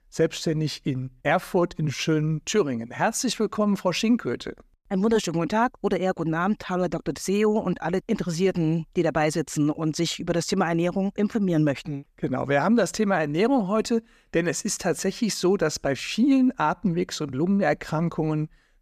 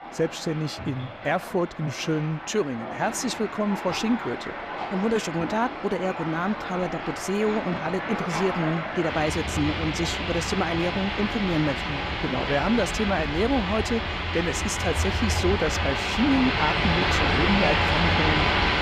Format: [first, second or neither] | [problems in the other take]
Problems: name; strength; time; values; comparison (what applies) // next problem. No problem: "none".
first | rain or running water; very loud; throughout; as loud as the speech